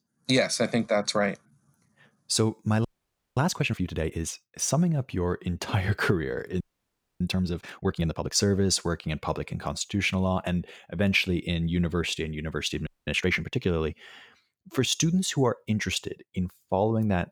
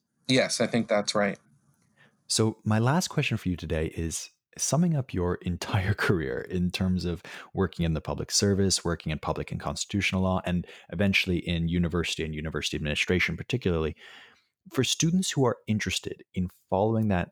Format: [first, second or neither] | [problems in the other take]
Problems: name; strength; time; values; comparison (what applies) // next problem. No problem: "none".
second | audio freezing; at 3 s for 0.5 s, at 6.5 s for 0.5 s and at 13 s